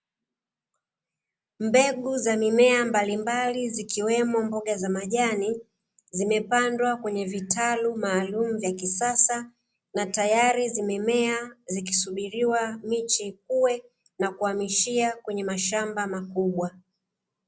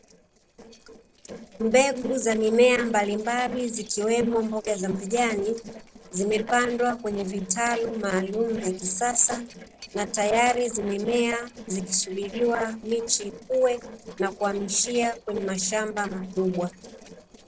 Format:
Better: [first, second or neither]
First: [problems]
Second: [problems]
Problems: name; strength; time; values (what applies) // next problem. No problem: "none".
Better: first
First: none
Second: noise reduction (neural separator model SepFormer DNS4)